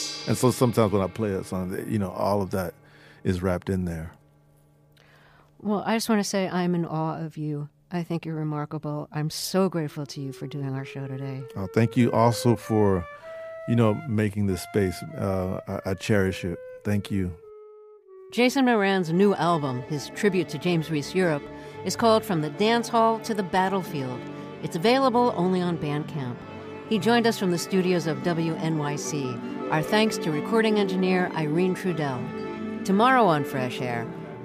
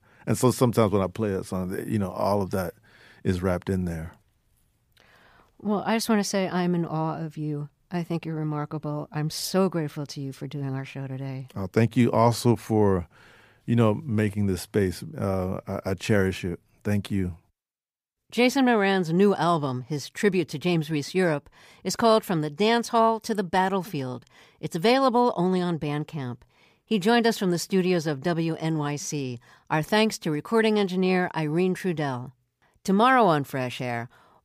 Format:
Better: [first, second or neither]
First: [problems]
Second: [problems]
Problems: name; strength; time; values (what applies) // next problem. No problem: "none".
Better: second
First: background music; noticeable; throughout; 10 dB below the speech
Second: none